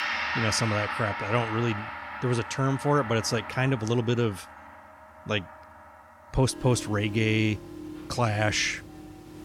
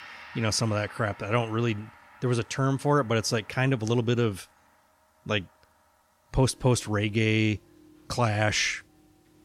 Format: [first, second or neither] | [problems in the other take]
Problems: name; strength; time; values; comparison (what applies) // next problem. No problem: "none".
second | background music; loud; throughout; 8 dB below the speech; faint in the second